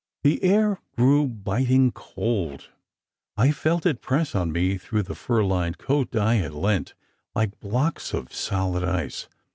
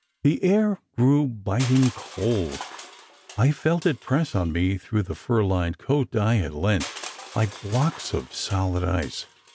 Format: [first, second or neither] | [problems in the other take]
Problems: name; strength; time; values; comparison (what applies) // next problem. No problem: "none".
first | background sound (Crushing); 18 dB below the speech